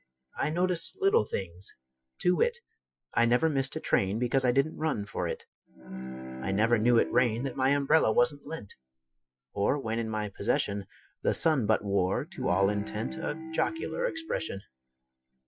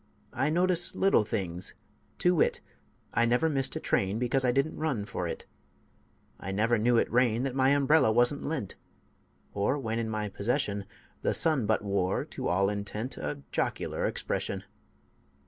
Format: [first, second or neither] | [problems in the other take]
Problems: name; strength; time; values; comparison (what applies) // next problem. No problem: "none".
second | noise reduction (classical method Wiener filter)